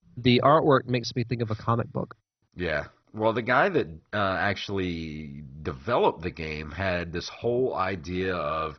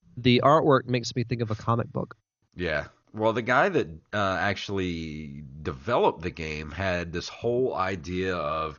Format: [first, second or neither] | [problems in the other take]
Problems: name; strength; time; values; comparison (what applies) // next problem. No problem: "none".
second | garbled, watery; badly; nothing above 6 kHz; slightly in the second